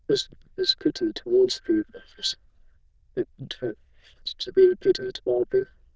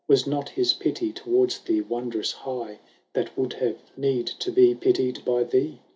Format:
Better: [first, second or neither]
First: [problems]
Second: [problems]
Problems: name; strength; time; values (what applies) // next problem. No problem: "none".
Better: second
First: noise reduction (neural diffusion model UNIVERSE++)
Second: none